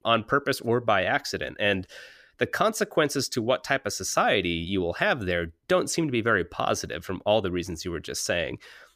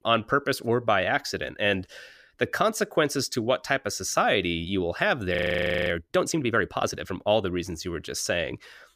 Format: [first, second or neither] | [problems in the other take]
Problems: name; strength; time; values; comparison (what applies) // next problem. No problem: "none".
first | audio freezing; at 5.5 s for 0.5 s